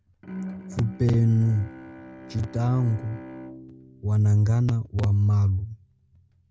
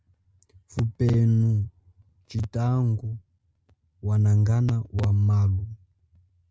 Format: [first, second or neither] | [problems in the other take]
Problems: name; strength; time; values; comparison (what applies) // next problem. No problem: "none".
second | background sound (Bowed string instrument); 17 dB below the speech